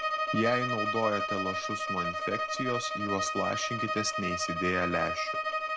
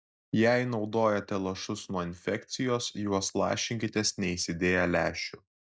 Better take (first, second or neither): second